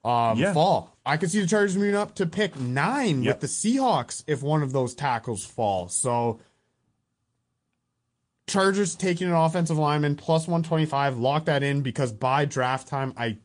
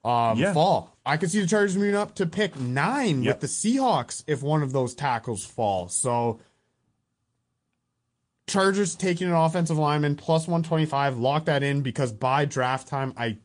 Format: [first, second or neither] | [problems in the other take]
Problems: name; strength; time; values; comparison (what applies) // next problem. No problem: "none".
neither | garbled, watery; slightly; nothing above 9.5 kHz; the same in both